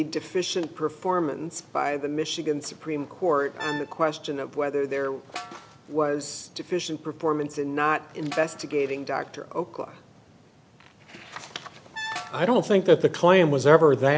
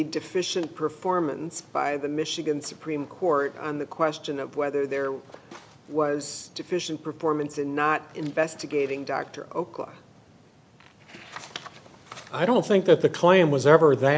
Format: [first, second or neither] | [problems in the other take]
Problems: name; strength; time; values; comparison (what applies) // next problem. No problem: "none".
second | background sound (Brass instrument + Snare drum); 15 dB below the speech